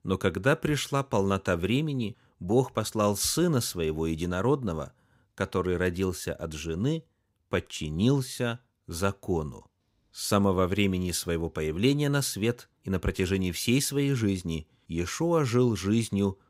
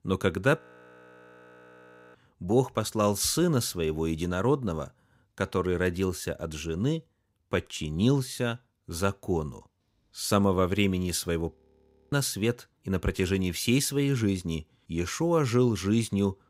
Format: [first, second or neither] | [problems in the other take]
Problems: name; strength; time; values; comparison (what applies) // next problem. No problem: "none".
first | audio freezing; at 0.5 s for 1.5 s and at 12 s for 0.5 s